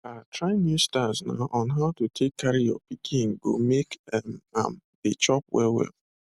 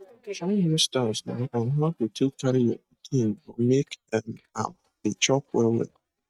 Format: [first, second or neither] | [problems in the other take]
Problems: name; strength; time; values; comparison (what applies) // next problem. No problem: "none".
first | noise reduction (neural mask model DeepFilterNet 3)